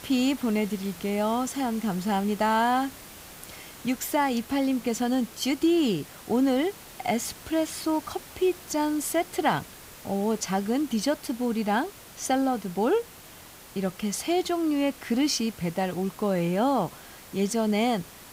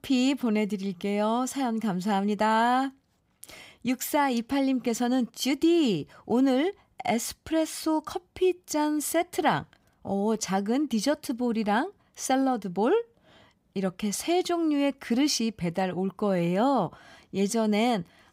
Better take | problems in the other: second | hiss; noticeable; throughout; 15 dB below the speech

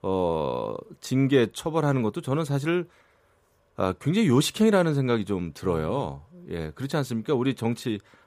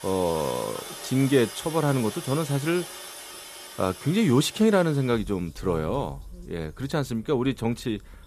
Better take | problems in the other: first | household noises; noticeable; throughout; 15 dB below the speech

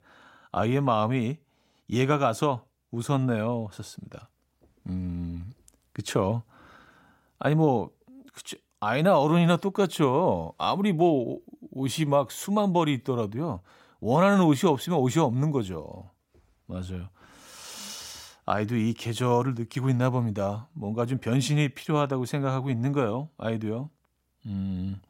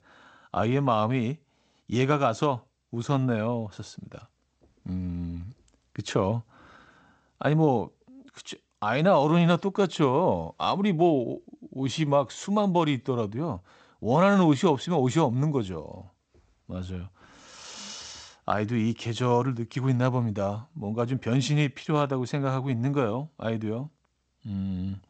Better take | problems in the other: first | garbled, watery; slightly; nothing above 8 kHz

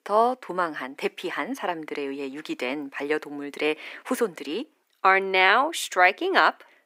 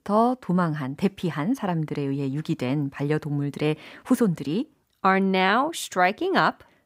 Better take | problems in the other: second | thin; somewhat; fading below 350 Hz

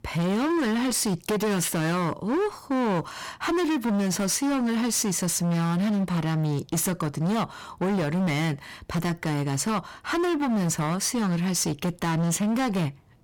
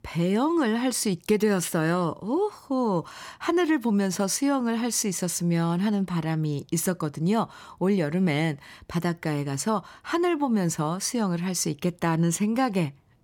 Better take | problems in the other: second | distortion; heavy; 30% of the sound clipped

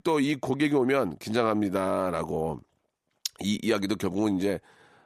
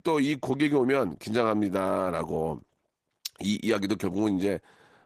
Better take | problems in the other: first | garbled, watery; slightly; nothing above 14.5 kHz

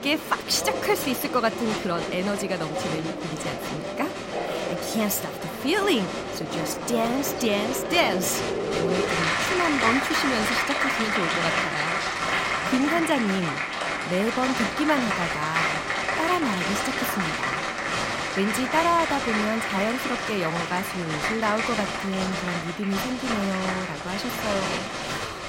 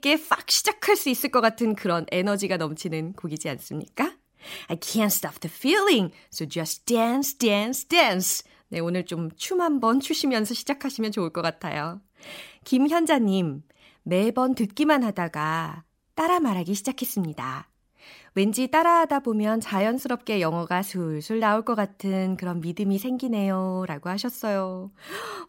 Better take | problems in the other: second | crowd noise; very loud; throughout; as loud as the speech

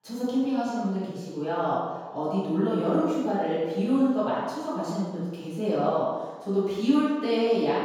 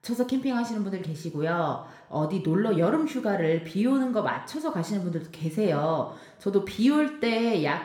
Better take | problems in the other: second | room echo; strong; dies away in 1.2 s; slight in the second // off-mic speech; far

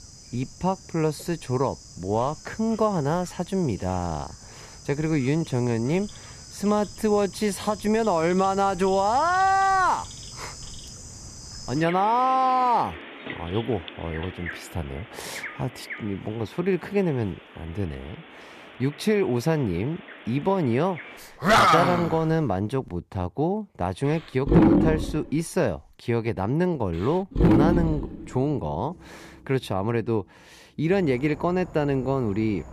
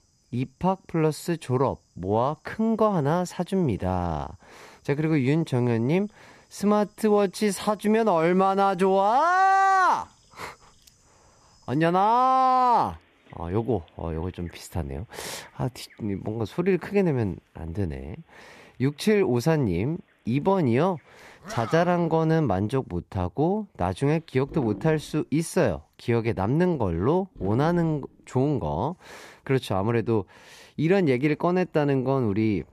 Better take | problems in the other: second | animal sounds; loud; throughout; 2 dB below the speech; faint in the second

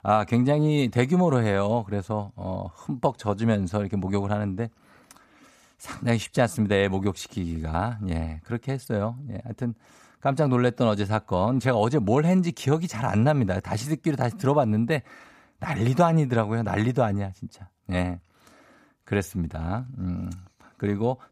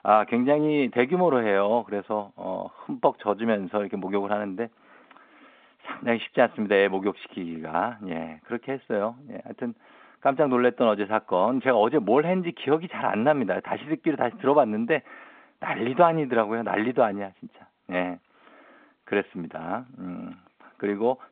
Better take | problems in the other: first | phone-call audio; nothing above 3.5 kHz

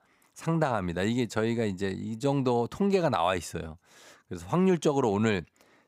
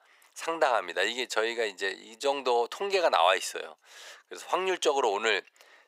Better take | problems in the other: first | thin; very; fading below 450 Hz

